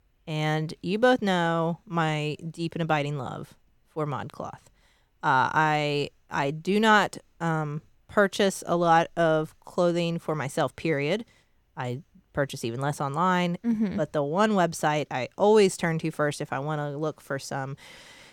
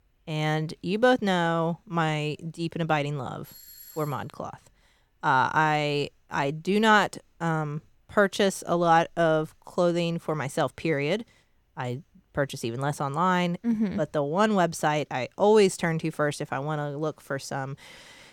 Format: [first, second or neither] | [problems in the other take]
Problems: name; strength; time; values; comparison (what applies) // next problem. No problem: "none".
first | doorbell; faint; at 3.5 s; peak 20 dB below the speech